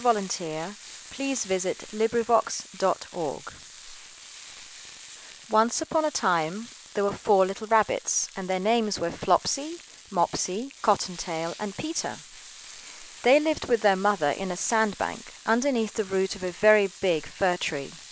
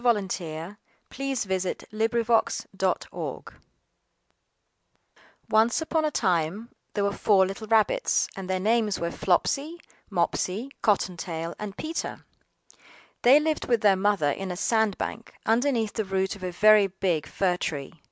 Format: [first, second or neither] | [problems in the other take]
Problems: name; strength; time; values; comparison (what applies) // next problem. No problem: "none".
second | background sound (Frying (food)); 18 dB below the speech